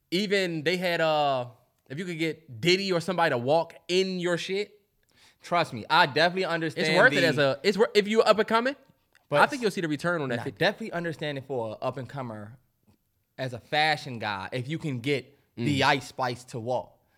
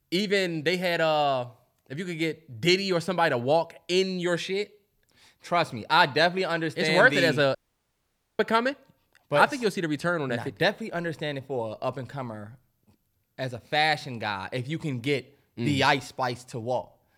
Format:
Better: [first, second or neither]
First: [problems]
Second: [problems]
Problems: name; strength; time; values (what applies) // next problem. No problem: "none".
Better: first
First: none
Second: audio cutting out; at 7.5 s for 1 s